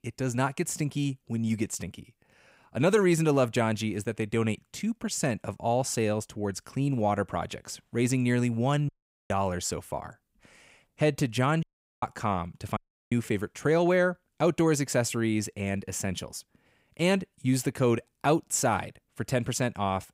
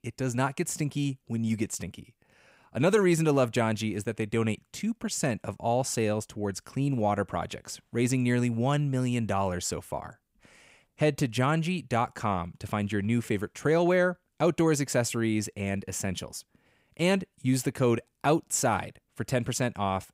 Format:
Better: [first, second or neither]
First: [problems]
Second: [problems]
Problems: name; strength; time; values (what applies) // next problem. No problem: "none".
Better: second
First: audio cutting out; at 9 s, at 12 s and at 13 s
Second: none